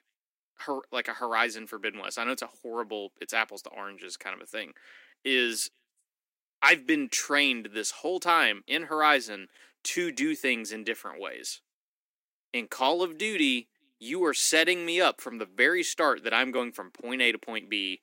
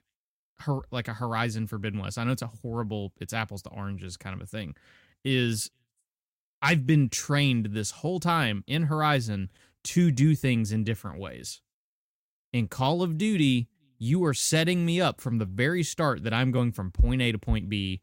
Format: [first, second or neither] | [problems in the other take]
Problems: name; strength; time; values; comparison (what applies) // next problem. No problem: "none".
second | thin; very; fading below 300 Hz